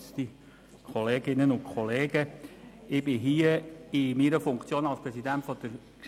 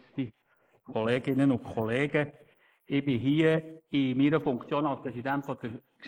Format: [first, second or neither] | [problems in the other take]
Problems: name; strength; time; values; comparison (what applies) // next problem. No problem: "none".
first | noise reduction (neural mask model Resemble Enhance denoiser)